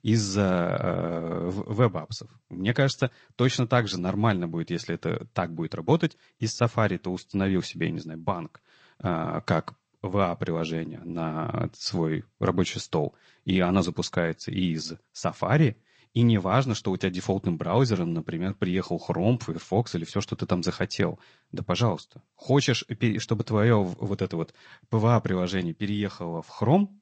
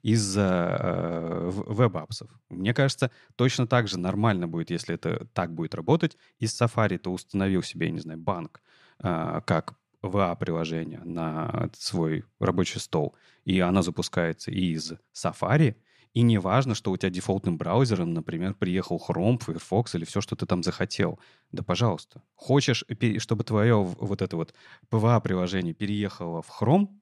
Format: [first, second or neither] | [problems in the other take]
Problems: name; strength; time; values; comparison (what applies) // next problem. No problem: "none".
second | garbled, watery; slightly; nothing above 7.5 kHz